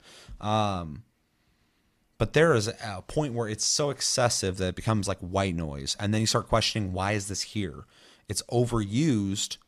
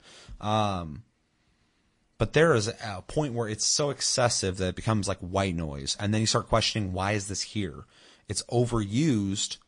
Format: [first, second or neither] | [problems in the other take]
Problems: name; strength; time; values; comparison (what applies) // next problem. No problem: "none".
first | garbled, watery; slightly; nothing above 8 kHz